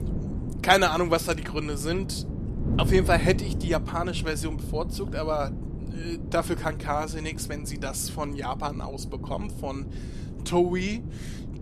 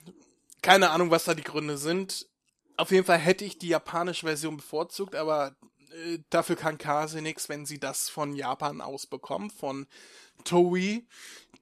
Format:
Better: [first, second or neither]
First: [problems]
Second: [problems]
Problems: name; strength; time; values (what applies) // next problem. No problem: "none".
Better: second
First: wind noise on the microphone; occasional gusts; 15 dB below the speech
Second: none